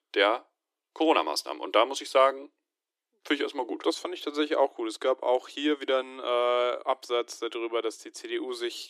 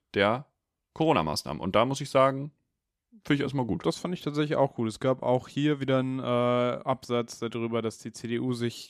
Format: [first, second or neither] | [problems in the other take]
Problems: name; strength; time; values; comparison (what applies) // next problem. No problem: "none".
second | thin; somewhat; fading below 300 Hz